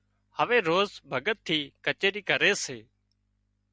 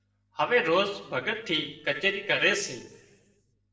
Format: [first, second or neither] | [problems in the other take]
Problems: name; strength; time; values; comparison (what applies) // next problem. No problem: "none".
first | noise reduction (neural separator model SepFormer DNS4)